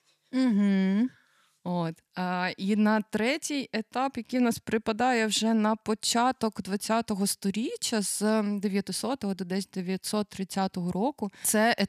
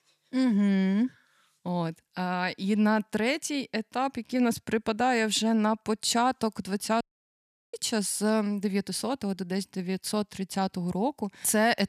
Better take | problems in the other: first | audio cutting out; at 7 s for 0.5 s

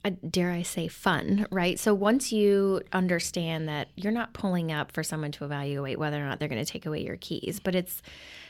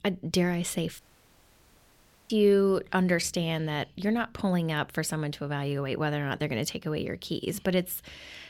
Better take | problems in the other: first | audio cutting out; at 1 s for 1.5 s

